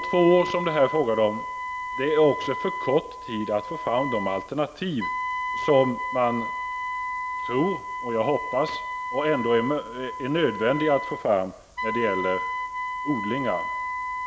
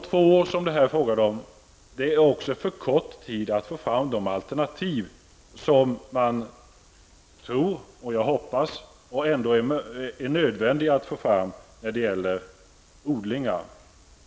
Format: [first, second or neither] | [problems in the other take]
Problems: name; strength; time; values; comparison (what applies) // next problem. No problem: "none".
second | background sound (Wind instrument, woodwind instrument); 6 dB below the speech